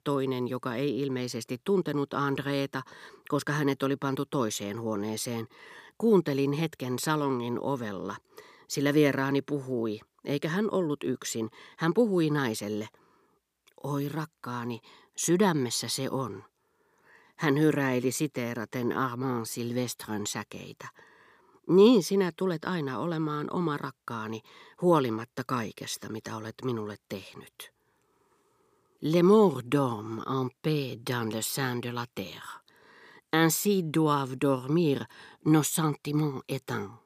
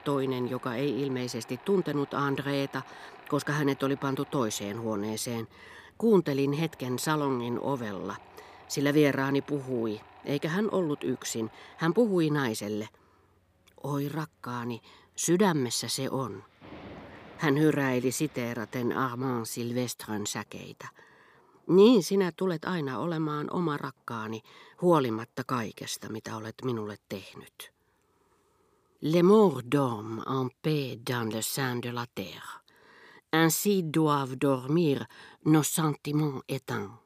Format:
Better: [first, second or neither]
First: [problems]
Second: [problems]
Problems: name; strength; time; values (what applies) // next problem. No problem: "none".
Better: first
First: none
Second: machinery noise; faint; throughout; 25 dB below the speech